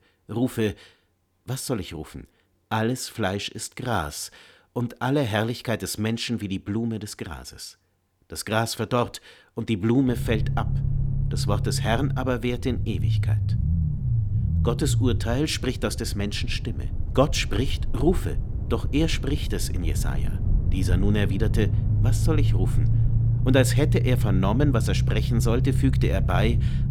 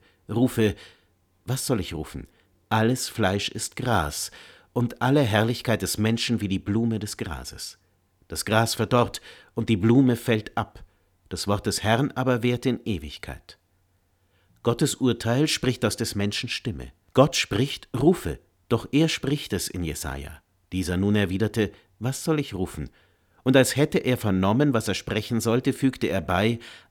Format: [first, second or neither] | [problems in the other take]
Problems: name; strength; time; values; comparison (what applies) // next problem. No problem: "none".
second | low rumble; noticeable; from 10 s on; 10 dB below the speech